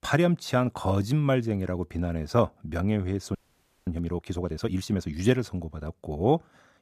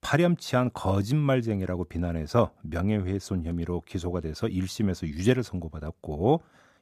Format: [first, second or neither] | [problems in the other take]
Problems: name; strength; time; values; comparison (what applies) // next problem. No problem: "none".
second | audio freezing; at 3.5 s for 0.5 s